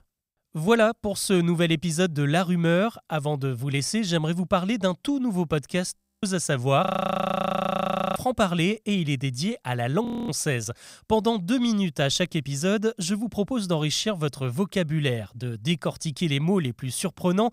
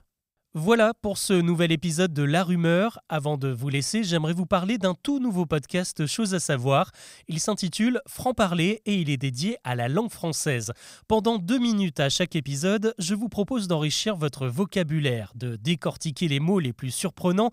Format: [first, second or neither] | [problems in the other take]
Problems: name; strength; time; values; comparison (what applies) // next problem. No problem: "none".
second | audio freezing; at 6 s, at 7 s for 1.5 s and at 10 s